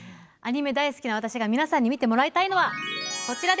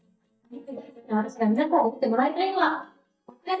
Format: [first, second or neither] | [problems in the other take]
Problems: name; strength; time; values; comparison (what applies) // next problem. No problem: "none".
first | noise reduction (neural mask model DeepFilterNet 3)